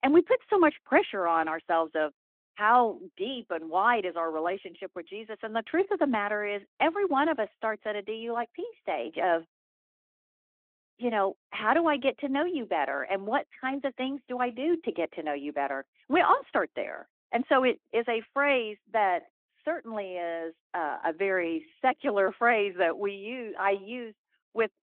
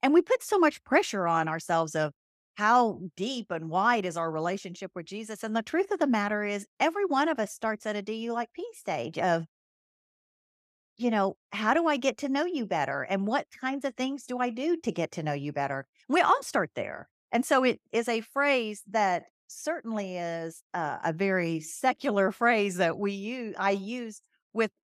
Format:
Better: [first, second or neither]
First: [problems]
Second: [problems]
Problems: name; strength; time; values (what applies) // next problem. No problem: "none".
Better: second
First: phone-call audio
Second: none